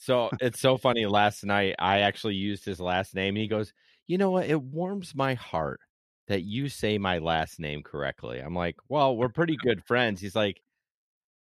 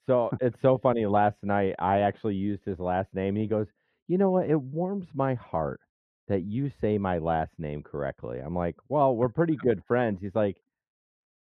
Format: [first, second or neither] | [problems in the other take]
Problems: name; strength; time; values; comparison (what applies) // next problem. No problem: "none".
first | muffled; very; fading above 2.5 kHz